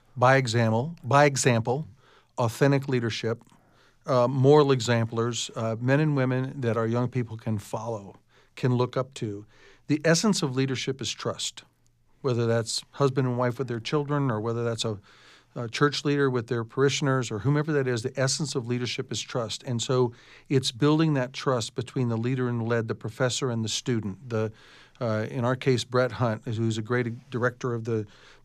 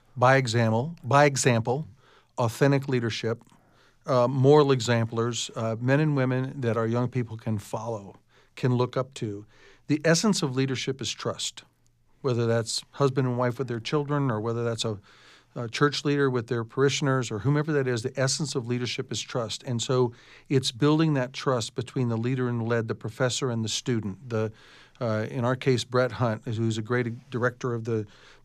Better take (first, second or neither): neither